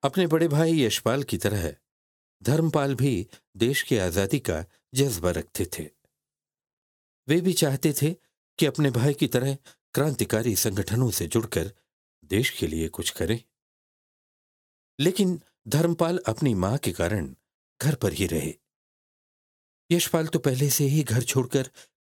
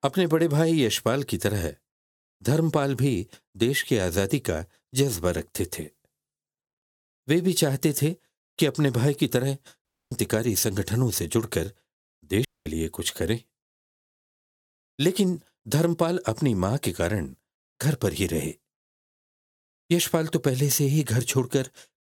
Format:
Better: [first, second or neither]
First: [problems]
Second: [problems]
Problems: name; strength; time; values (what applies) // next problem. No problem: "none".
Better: first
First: none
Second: audio cutting out; at 10 s and at 12 s